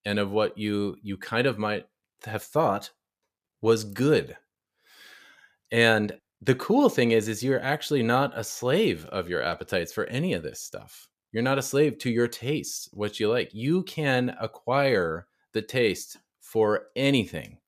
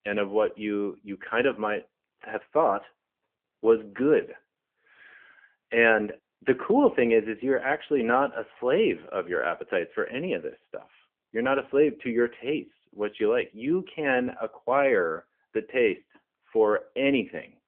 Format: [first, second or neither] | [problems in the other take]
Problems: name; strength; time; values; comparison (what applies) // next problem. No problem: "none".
first | phone-call audio; nothing above 3 kHz